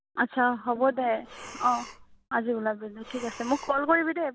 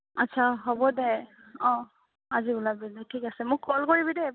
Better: second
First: background sound (Breathing); 17 dB below the speech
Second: none

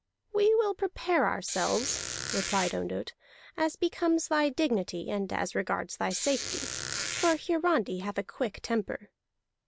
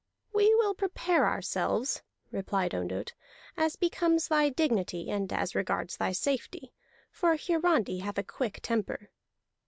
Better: second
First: background sound (Squeak); 5 dB below the speech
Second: none

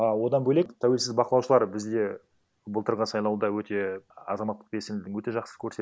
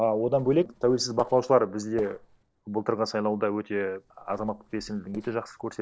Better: first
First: none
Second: noise reduction (neural separator model SepFormer DNS4)

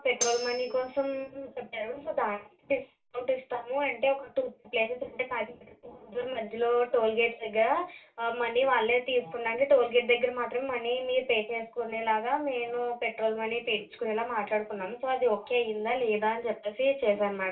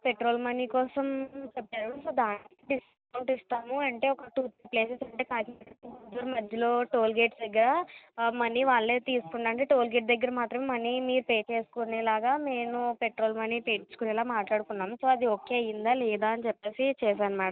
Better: second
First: background sound (Cutlery, silverware); 8 dB below the speech // room echo; dies away in 0.3 s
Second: none

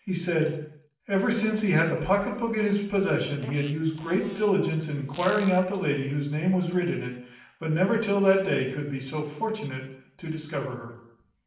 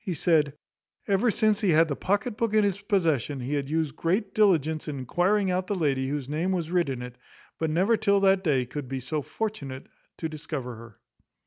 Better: second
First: background sound (Fart); 20 dB below the speech // room echo; dies away in 0.6 s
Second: none

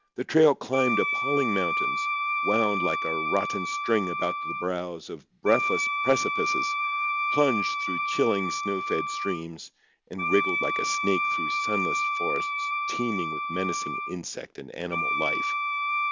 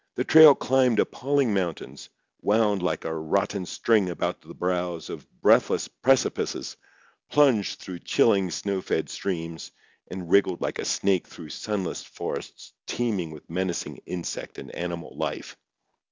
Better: second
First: background sound (Wind instrument, woodwind instrument); as loud as the speech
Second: none

